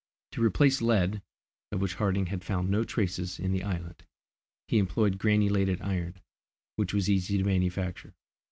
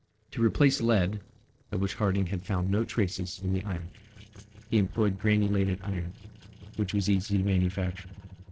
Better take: first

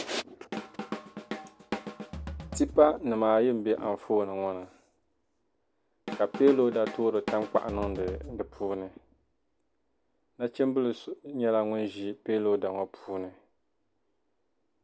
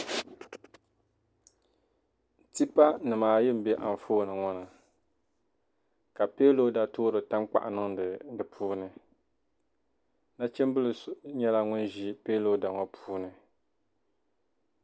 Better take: second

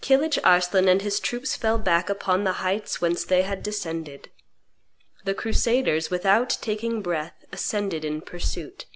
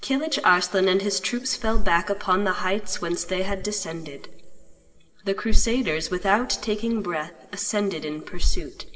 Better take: first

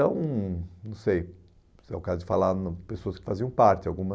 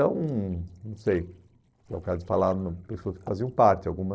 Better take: first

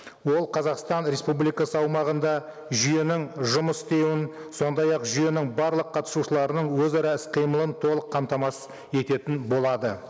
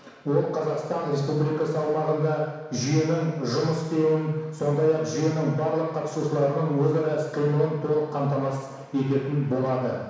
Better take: first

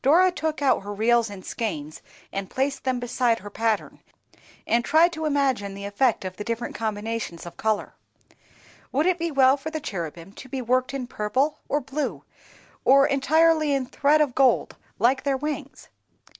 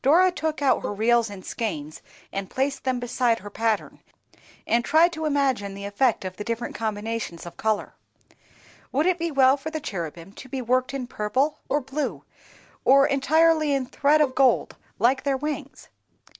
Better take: first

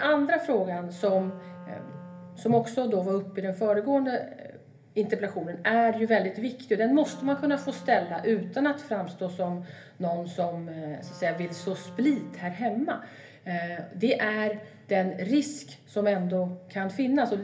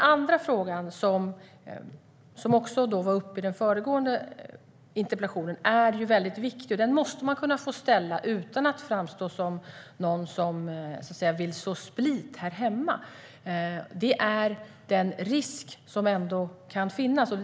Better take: second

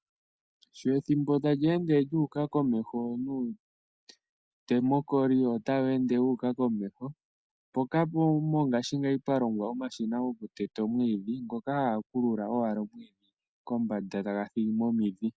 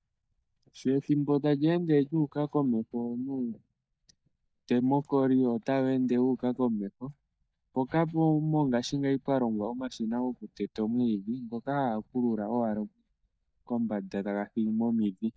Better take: first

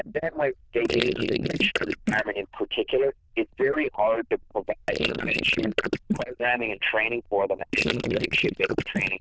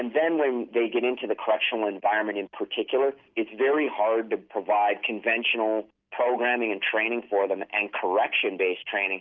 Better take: second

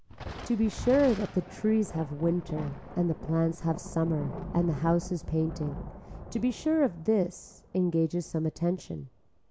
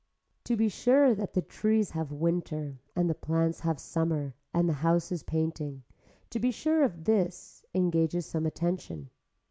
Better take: second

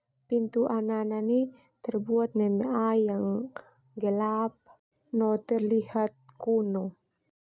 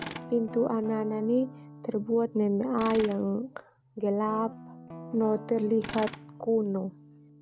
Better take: first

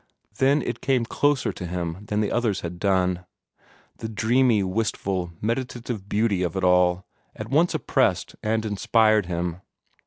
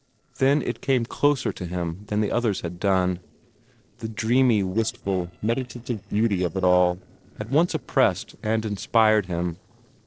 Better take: first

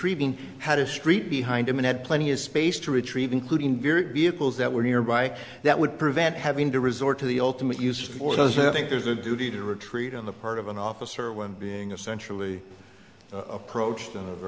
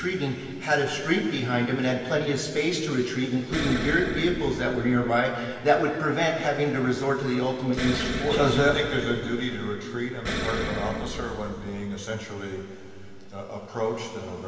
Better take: first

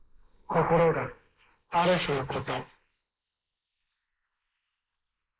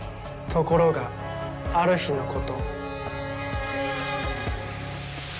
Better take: second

